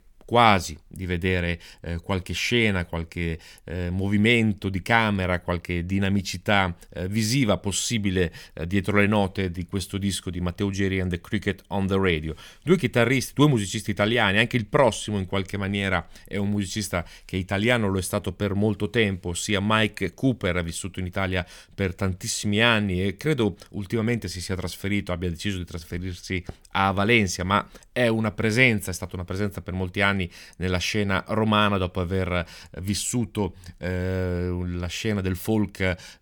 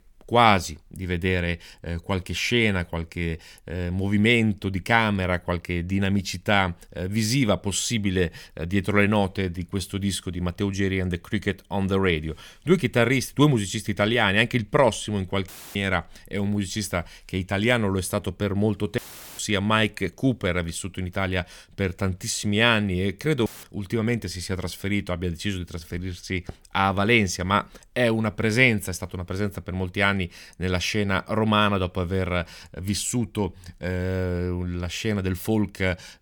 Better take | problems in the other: first | audio cutting out; filled with static; at 15 s, at 19 s and at 23 s

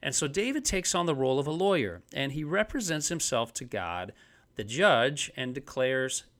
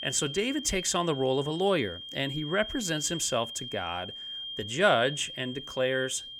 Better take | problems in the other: first | high-pitched whine; loud; throughout; 3 kHz, 9 dB below the speech

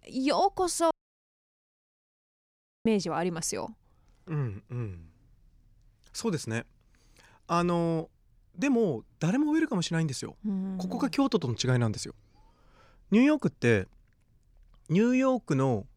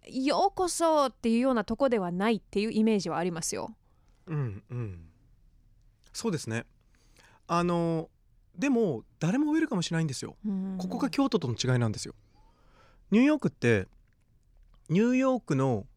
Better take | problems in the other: second | audio cutting out; at 1 s for 2 s

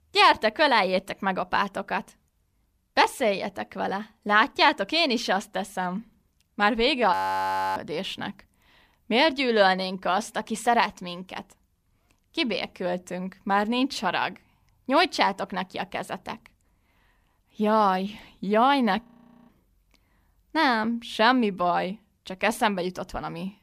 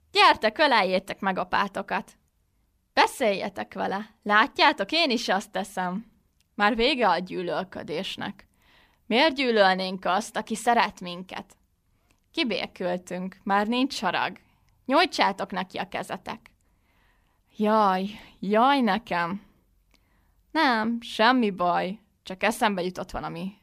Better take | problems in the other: second | audio freezing; at 7 s for 0.5 s and at 19 s

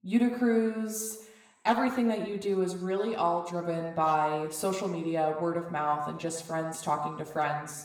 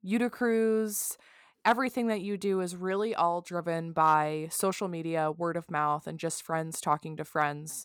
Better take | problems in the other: second | room echo; slight; dies away in 0.8 s // off-mic speech; somewhat distant

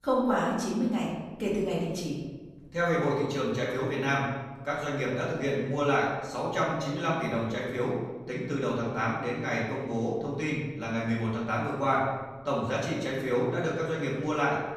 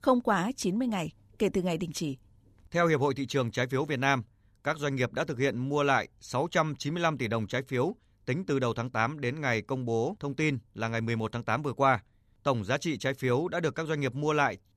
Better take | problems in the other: second | room echo; noticeable; dies away in 1.1 s // off-mic speech; far

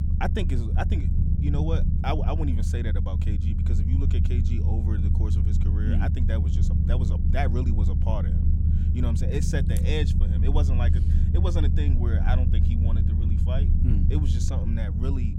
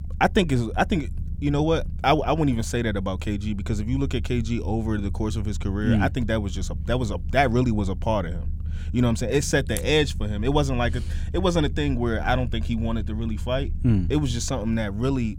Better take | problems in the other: second | low rumble; loud; throughout; 3 dB below the speech; faint in the second

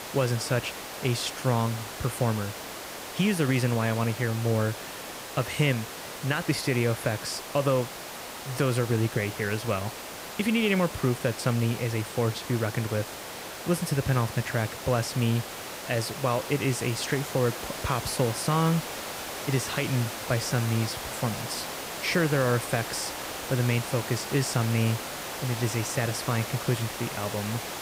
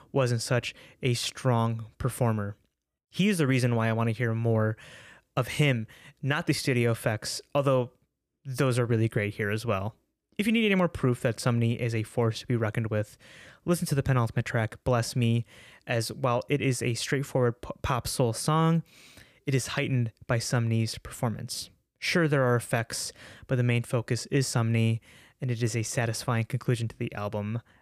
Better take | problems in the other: second | hiss; loud; throughout; 7 dB below the speech

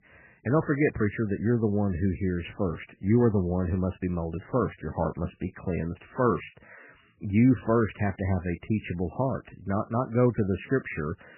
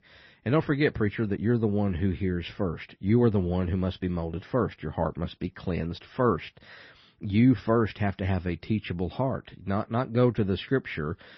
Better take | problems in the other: second | garbled, watery; badly; nothing above 3 kHz; slightly in the second

